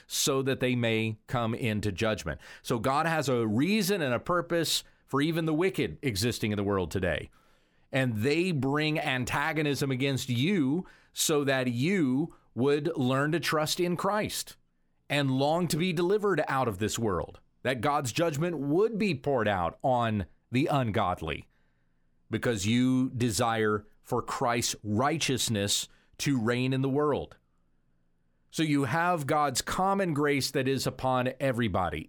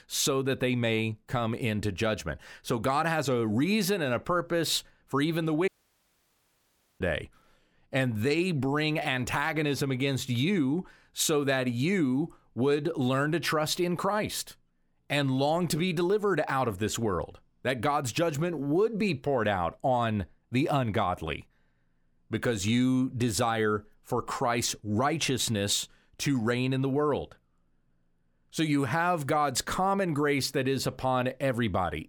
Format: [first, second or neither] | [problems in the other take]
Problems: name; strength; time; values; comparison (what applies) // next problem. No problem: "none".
first | audio cutting out; at 5.5 s for 1.5 s